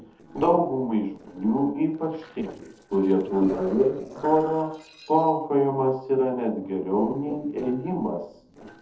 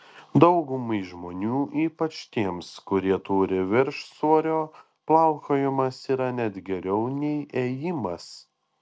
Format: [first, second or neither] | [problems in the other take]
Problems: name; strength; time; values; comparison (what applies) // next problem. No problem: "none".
second | noise reduction (neural separator model SepFormer DNS4)